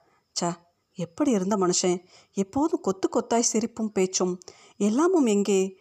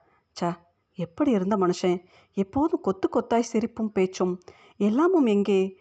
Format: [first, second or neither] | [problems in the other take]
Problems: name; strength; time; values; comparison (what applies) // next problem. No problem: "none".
first | muffled; very slightly; fading above 2.5 kHz